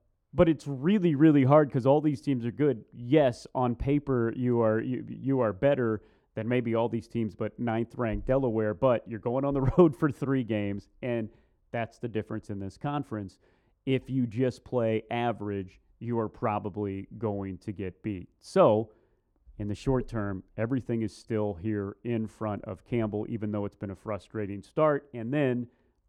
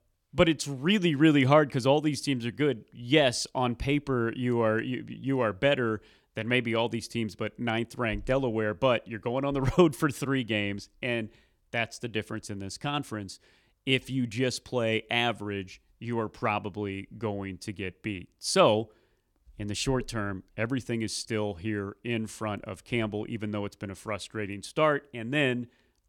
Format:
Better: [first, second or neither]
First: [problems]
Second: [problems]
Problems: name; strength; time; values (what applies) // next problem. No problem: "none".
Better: second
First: muffled; very; fading above 2 kHz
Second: none